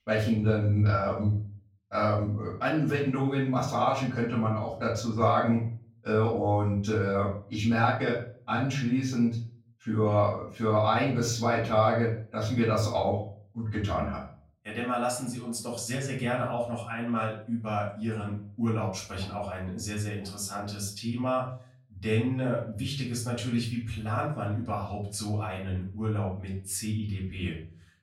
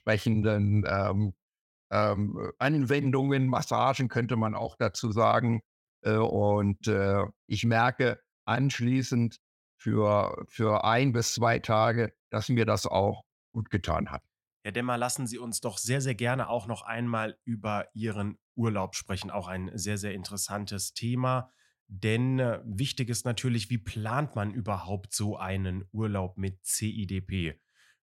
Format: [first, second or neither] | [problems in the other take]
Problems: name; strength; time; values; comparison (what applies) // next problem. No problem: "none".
second | off-mic speech; far // room echo; slight; dies away in 0.4 s